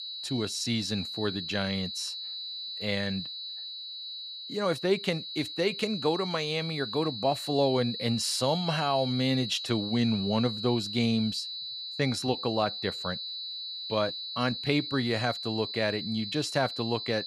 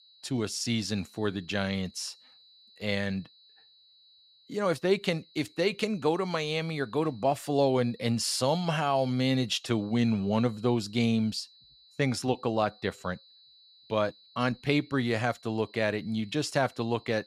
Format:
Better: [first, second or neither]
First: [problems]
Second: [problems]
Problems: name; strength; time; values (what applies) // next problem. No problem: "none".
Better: second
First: high-pitched whine; loud; throughout; 4 kHz, 5 dB below the speech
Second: high-pitched whine; faint; throughout; 4 kHz, 25 dB below the speech